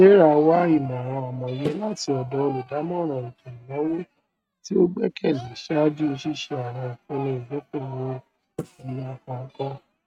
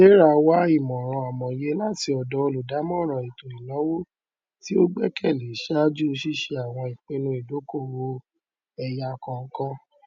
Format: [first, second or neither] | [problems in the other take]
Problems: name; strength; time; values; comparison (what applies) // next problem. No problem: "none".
second | noise reduction (neural mask model RNNoise)